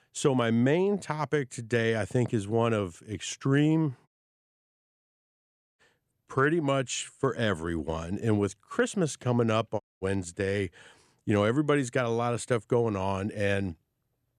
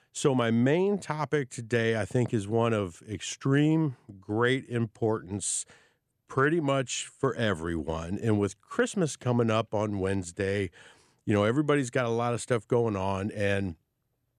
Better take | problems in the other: second | audio cutting out; at 4 s for 1.5 s and at 10 s

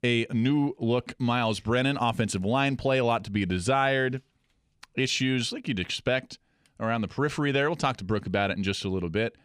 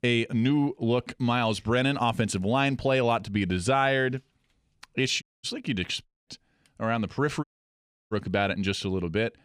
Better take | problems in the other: first | audio cutting out; at 5 s, at 6 s and at 7.5 s for 0.5 s

